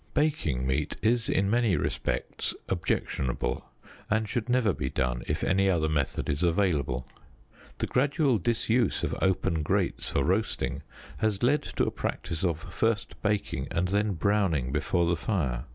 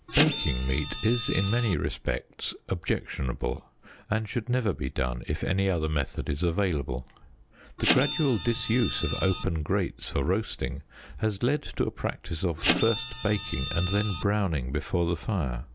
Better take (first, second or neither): first